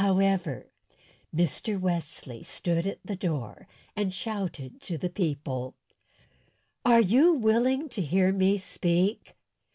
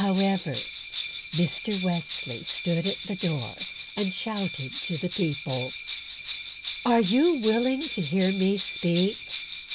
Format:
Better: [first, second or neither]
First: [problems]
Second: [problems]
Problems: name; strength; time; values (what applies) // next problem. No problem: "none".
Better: first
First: none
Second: background sound (Bell); 8 dB below the speech